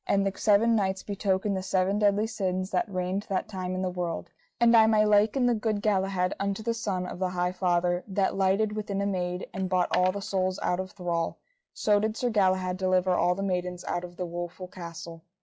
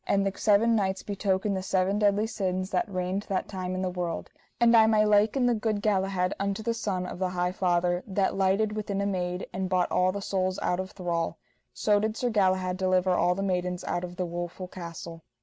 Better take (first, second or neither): second